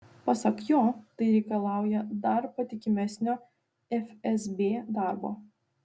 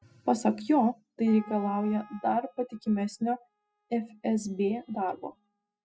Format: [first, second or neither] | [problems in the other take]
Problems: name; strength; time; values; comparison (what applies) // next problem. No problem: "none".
first | noise reduction (classical method spectral subtraction)